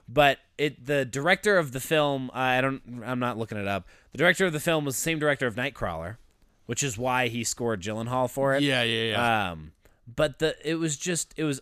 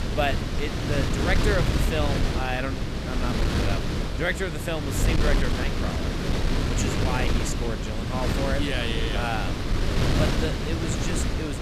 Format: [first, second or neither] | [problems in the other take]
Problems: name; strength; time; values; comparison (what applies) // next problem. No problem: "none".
first | wind noise on the microphone; heavy; as loud as the speech